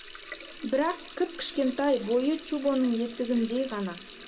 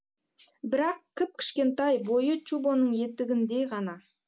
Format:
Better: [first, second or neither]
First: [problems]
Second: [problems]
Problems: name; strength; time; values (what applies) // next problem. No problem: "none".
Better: second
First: background sound (Water tap, faucet); 16 dB below the speech // room echo; dies away in 1.6 s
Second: none